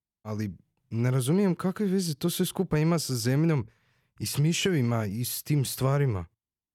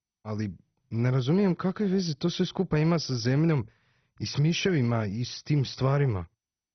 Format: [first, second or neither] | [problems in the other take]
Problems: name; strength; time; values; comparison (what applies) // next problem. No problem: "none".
first | garbled, watery; badly; nothing above 6 kHz